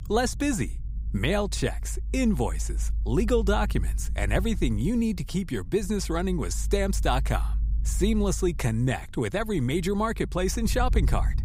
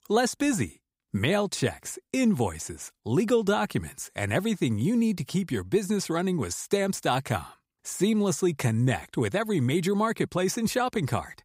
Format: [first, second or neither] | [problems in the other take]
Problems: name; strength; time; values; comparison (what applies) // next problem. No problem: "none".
second | low rumble; faint; throughout; 25 dB below the speech